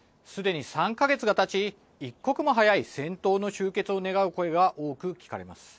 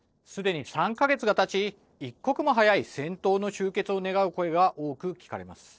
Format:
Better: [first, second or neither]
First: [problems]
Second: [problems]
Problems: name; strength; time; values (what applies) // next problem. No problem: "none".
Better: first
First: none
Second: noise reduction (neural separator model SepFormer DNS4)